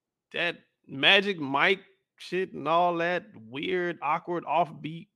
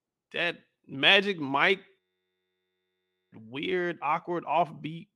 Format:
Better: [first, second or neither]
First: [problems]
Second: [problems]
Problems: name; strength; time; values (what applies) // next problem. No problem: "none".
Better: first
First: none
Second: audio freezing; at 2 s for 1.5 s